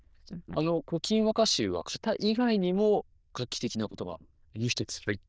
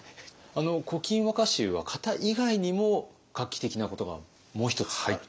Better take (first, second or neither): second